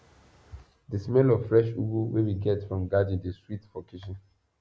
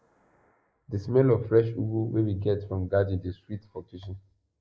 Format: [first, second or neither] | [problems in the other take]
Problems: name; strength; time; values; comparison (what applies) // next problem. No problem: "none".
first | noise reduction (neural mask model Resemble Enhance denoiser)